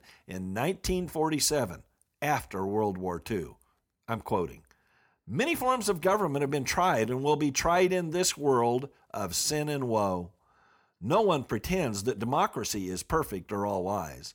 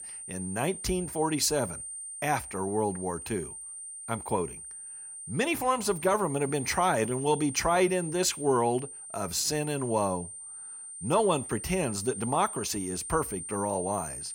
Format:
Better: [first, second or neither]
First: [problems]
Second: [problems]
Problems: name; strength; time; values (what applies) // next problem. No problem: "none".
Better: first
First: none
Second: high-pitched whine; loud; throughout; 9 kHz, 9 dB below the speech